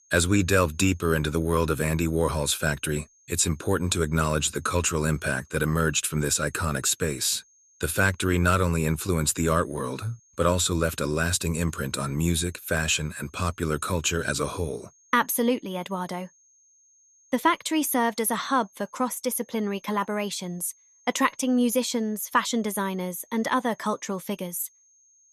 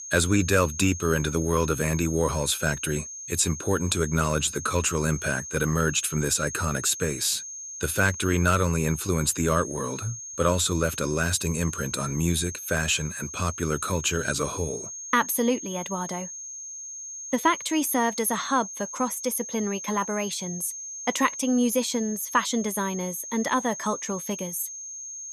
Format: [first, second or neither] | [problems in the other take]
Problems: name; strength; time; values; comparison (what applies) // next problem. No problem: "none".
first | high-pitched whine; loud; throughout; 6.5 kHz, 9 dB below the speech; faint in the first